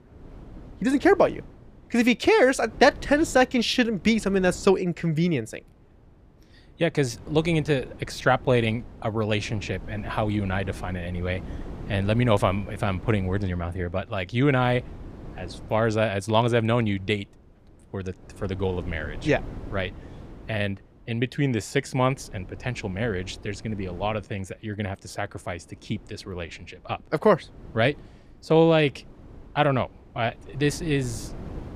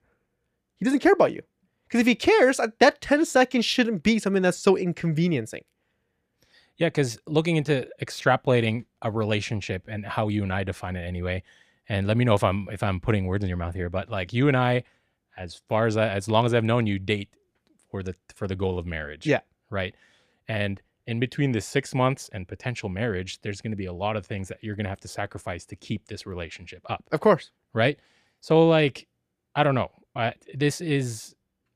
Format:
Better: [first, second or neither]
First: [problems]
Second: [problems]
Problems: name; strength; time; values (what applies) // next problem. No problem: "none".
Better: second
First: wind noise on the microphone; occasional gusts; 25 dB below the speech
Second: none